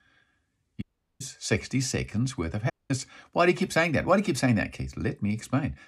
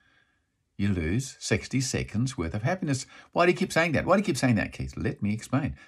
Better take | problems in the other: second | audio cutting out; at 1 s and at 2.5 s

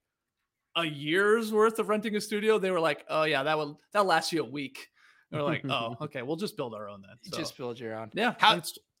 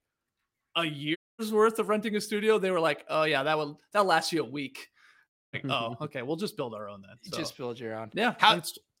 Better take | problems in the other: first | audio cutting out; at 1 s and at 5.5 s

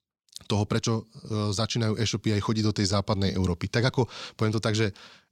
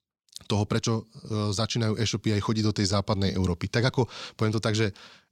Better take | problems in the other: neither | none

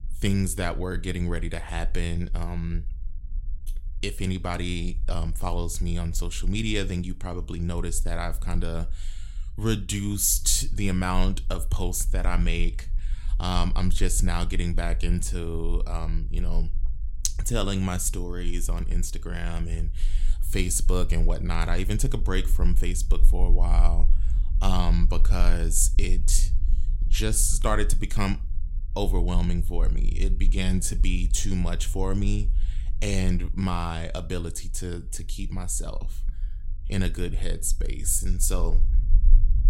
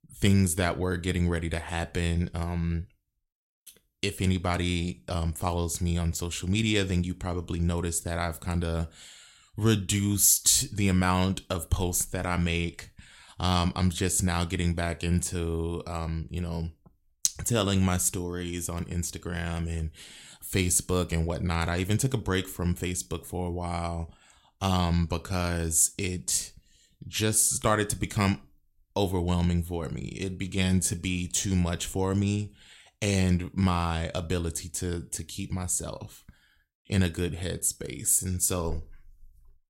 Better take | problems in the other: second | low rumble; faint; throughout; 20 dB below the speech

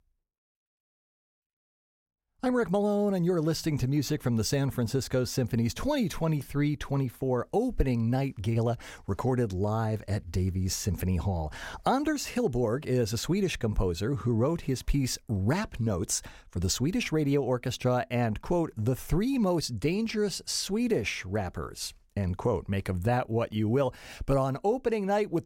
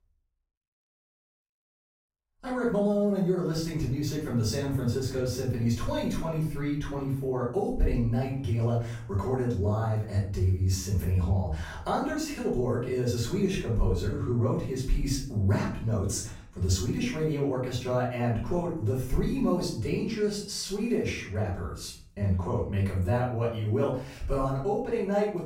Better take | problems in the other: first | off-mic speech; far // room echo; noticeable; dies away in 0.5 s

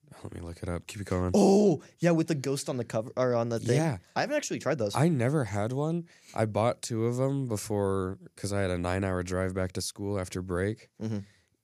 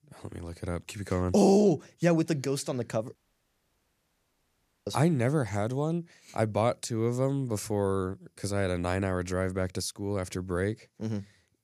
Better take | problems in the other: first | audio cutting out; at 3 s for 1.5 s

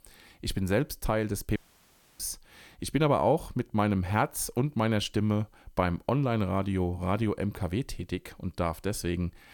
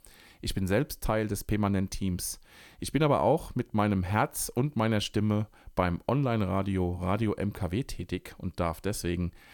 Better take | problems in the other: second | audio cutting out; at 1.5 s for 0.5 s

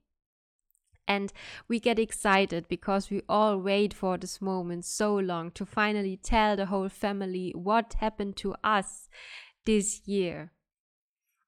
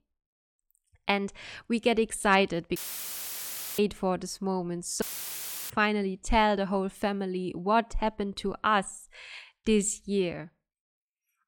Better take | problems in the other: first | audio cutting out; filled with static; at 3 s for 1 s and at 5 s for 0.5 s

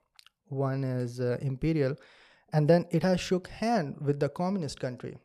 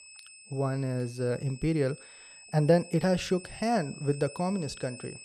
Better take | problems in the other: first | high-pitched whine; noticeable; throughout; 2.5 kHz, 15 dB below the speech

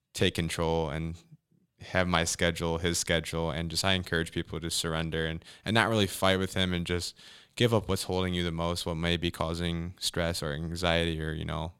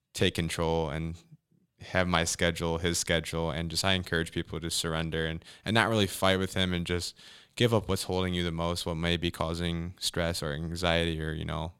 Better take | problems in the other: neither | none

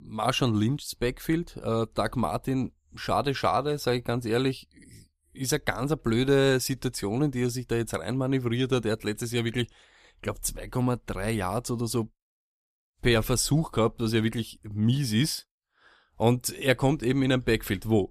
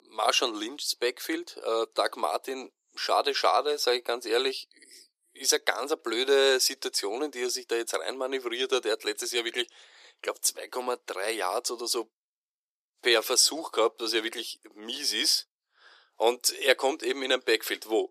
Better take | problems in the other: first | thin; very; fading below 350 Hz

